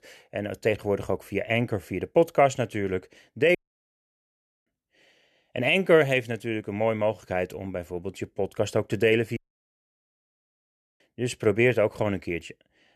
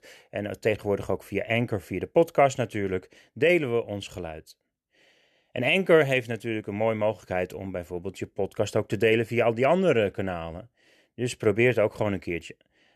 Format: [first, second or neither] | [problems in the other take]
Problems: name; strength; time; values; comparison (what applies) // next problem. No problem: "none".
second | audio cutting out; at 3.5 s for 1 s and at 9.5 s for 1.5 s